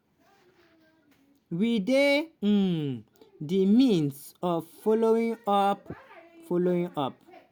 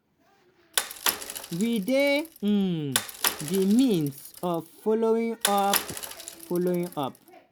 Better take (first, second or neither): first